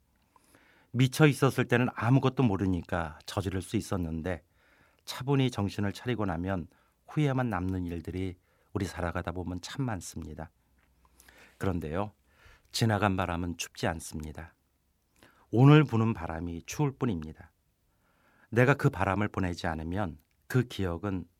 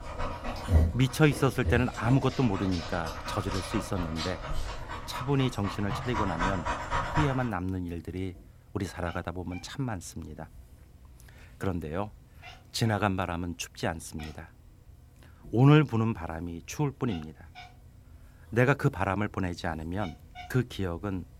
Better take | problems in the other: first | animal sounds; loud; throughout; 5 dB below the speech

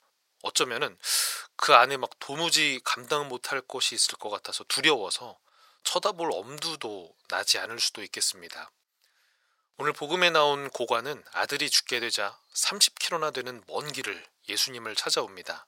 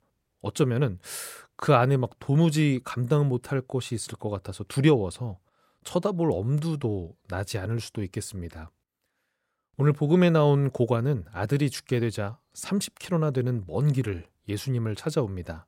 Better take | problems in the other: second | thin; very; fading below 900 Hz

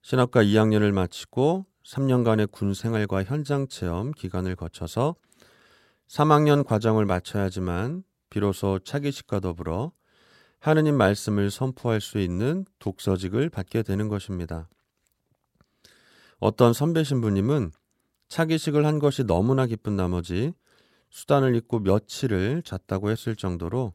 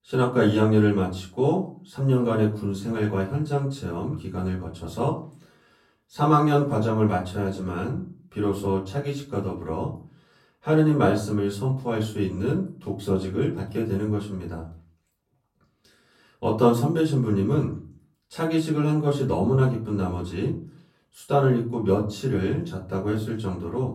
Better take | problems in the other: first | off-mic speech; far // room echo; slight; dies away in 0.4 s

